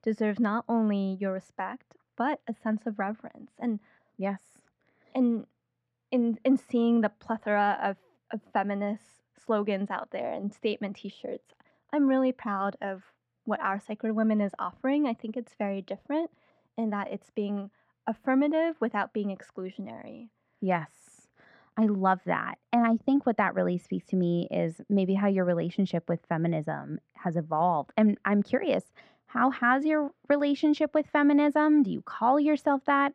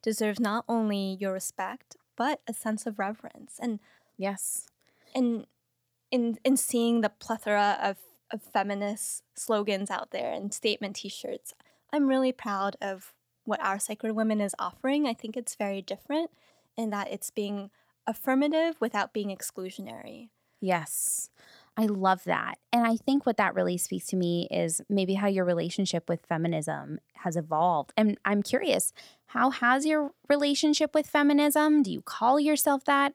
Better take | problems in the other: second | muffled; very; fading above 2 kHz

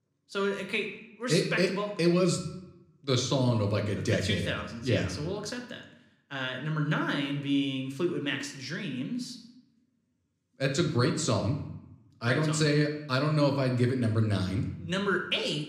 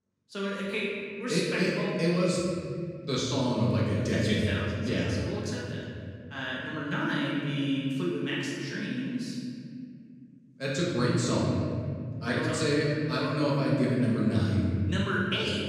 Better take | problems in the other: first | room echo; strong; dies away in 2.5 s; slight in the first // off-mic speech; far

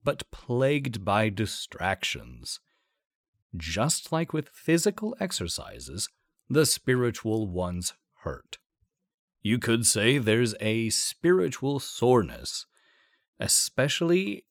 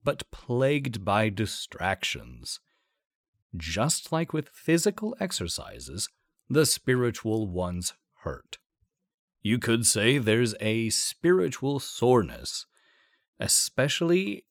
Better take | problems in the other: neither | none

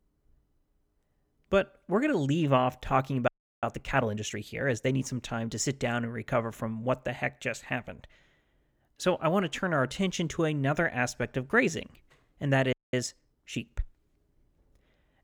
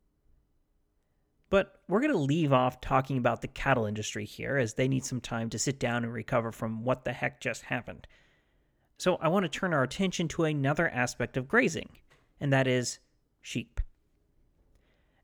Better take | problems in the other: second | audio freezing; at 3.5 s and at 13 s

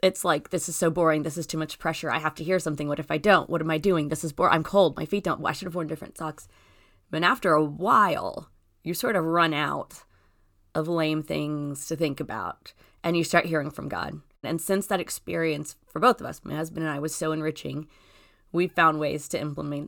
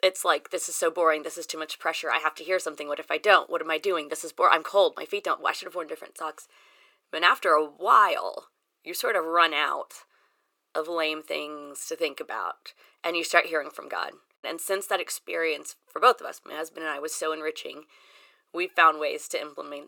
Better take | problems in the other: first | thin; very; fading below 450 Hz

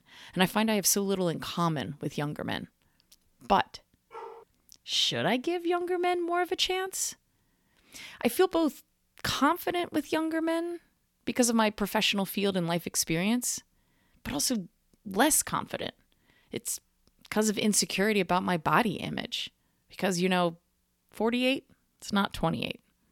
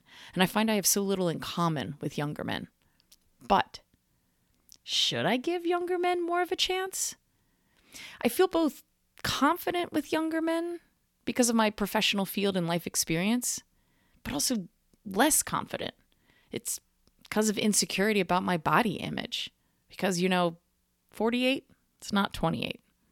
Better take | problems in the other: second | dog barking; faint; at 4 s; peak 15 dB below the speech

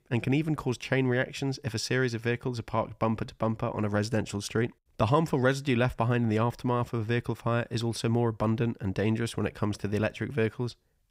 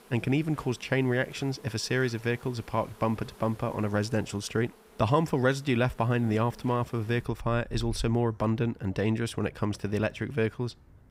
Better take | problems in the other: first | animal sounds; faint; throughout; 20 dB below the speech

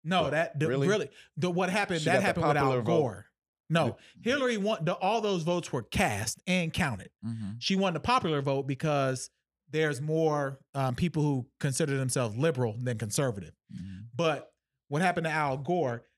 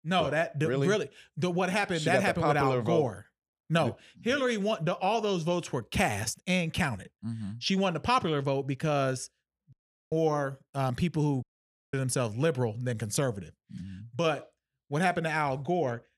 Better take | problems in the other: first | audio cutting out; at 9.5 s and at 11 s for 0.5 s

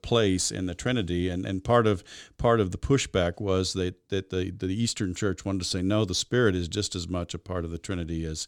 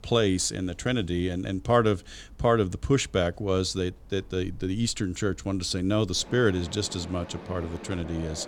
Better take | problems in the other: first | machinery noise; noticeable; throughout; 20 dB below the speech

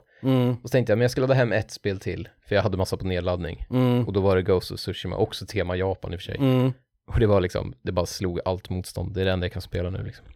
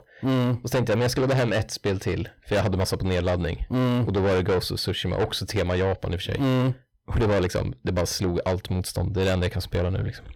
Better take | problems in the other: first | distortion; heavy; 7 dB below the speech

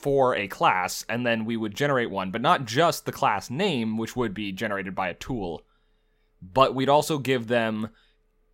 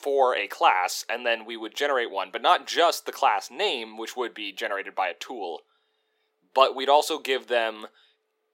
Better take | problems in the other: first | thin; very; fading below 350 Hz

